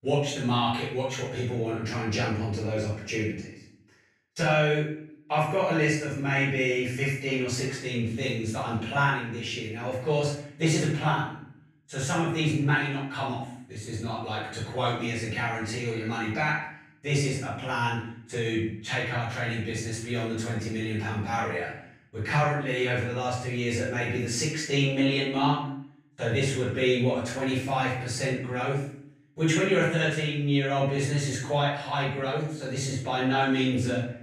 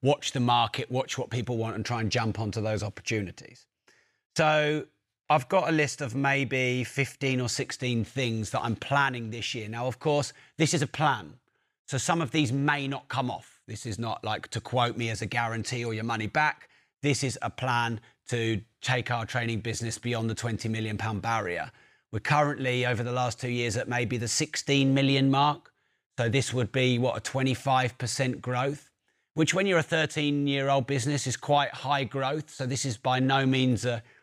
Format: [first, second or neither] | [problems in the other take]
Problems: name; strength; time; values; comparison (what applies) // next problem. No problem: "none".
second | off-mic speech; far // room echo; noticeable; dies away in 0.6 s